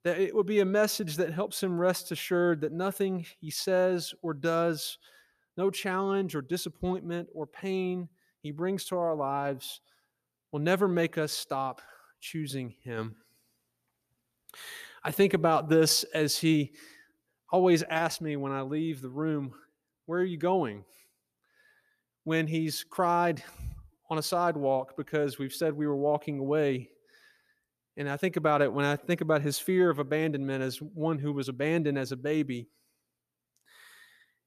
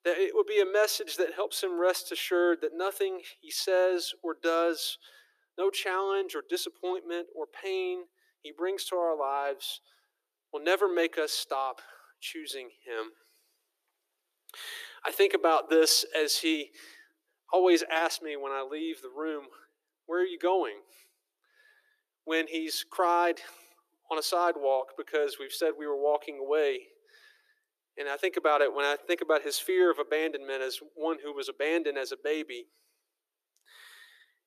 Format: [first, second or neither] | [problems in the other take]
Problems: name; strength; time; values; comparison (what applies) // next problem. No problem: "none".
first | thin; very; fading below 350 Hz